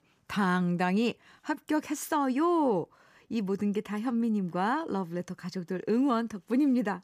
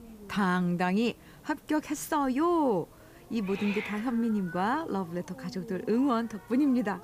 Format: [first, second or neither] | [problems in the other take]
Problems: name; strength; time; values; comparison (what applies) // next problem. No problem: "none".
first | hiss; noticeable; throughout; 15 dB below the speech